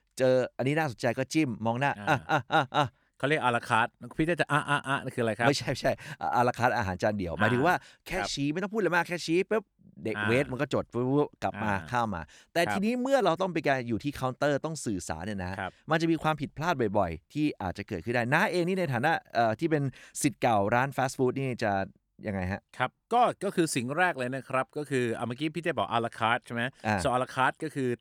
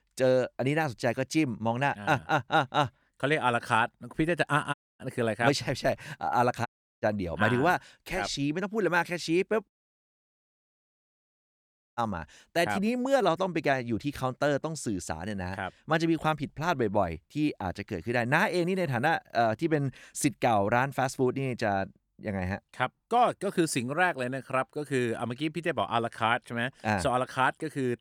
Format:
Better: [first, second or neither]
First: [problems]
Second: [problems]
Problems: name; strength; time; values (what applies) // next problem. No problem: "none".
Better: first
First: none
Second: audio cutting out; at 4.5 s, at 6.5 s and at 9.5 s for 2.5 s